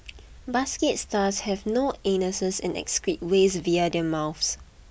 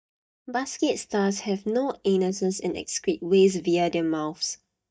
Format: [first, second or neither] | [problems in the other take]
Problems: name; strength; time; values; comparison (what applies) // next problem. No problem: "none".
first | noise reduction (neural mask model DeepFilterNet 3)